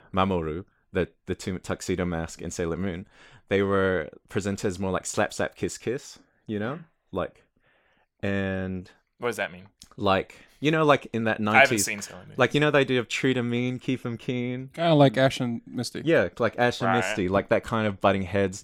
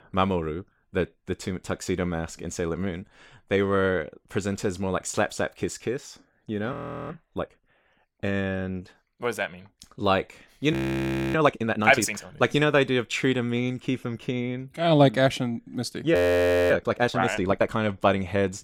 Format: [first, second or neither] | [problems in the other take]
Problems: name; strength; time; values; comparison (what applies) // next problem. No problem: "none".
first | audio freezing; at 6.5 s, at 11 s for 0.5 s and at 16 s for 0.5 s